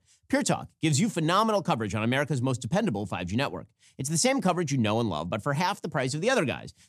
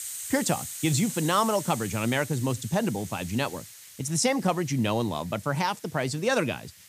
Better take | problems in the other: first | hiss; noticeable; throughout; 10 dB below the speech

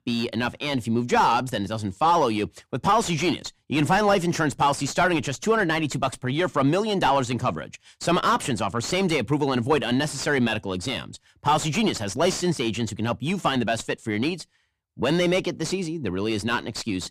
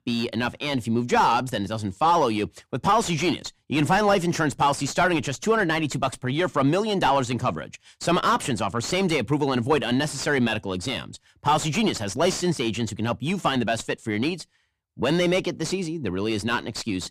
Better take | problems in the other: neither | distortion; heavy; 7 dB below the speech; the same in both

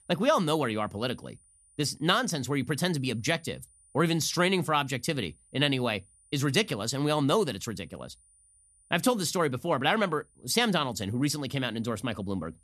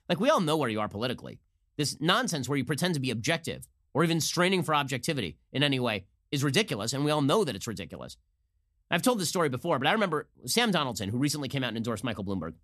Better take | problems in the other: second | high-pitched whine; faint; throughout; 9.5 kHz, 30 dB below the speech

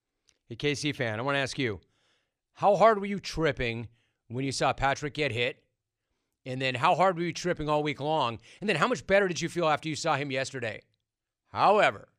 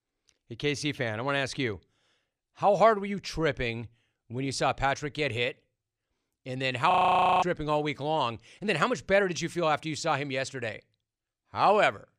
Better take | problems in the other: first | audio freezing; at 7 s for 0.5 s

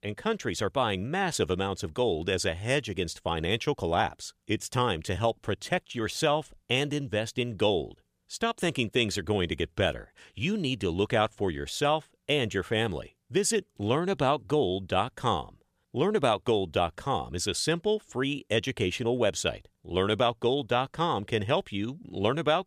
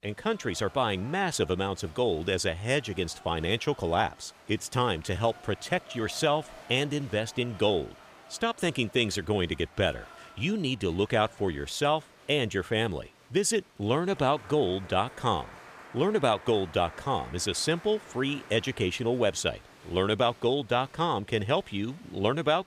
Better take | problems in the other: first | crowd noise; faint; throughout; 20 dB below the speech

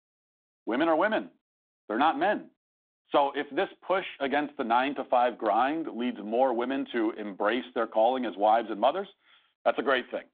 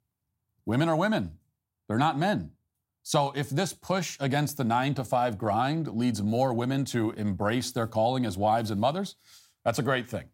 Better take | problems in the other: second | phone-call audio

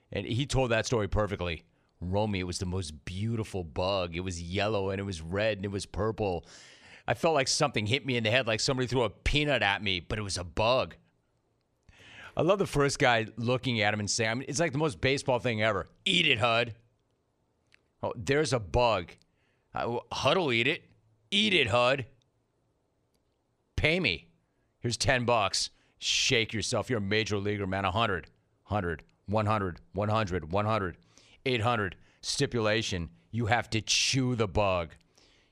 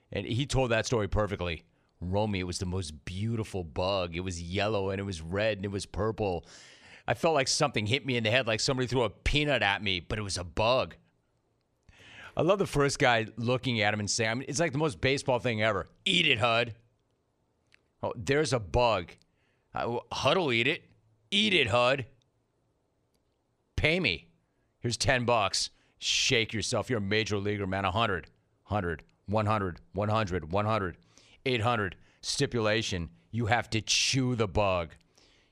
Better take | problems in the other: neither | none

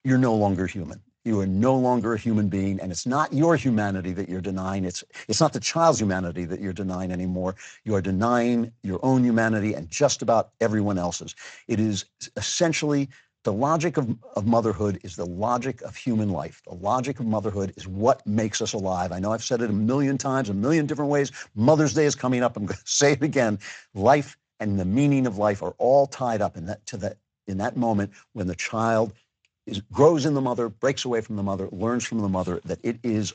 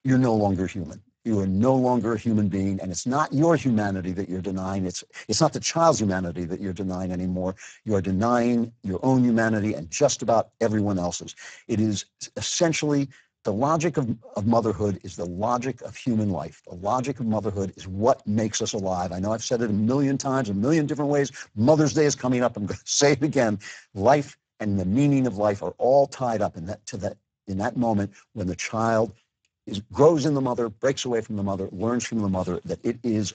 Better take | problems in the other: first | garbled, watery; badly; slightly in the first

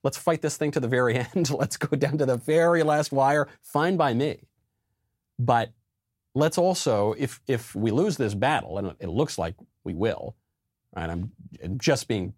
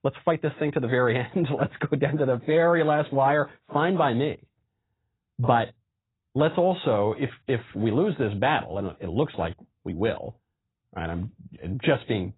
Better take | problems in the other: first | garbled, watery; badly; nothing above 4 kHz

